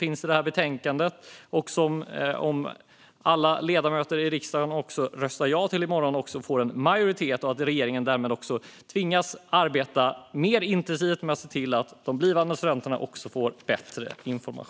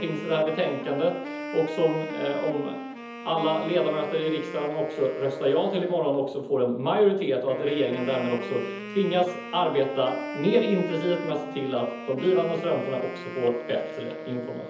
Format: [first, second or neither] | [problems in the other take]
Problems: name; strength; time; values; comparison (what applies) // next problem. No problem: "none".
first | background sound (Wind instrument, woodwind instrument); 11 dB below the speech // room echo; dies away in 0.7 s